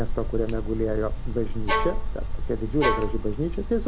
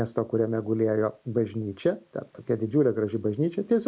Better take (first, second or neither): second